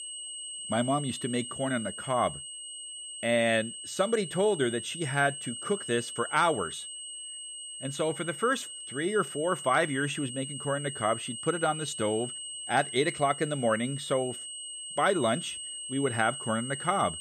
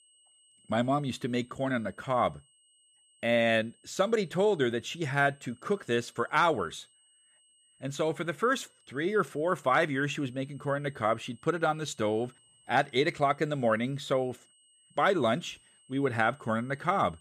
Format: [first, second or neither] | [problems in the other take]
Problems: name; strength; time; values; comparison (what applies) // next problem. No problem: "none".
second | high-pitched whine; loud; throughout; 3 kHz, 8 dB below the speech; faint in the second